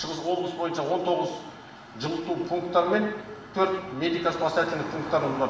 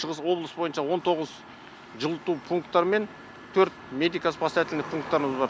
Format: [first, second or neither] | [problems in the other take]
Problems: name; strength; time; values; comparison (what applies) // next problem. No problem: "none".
second | room echo; dies away in 1 s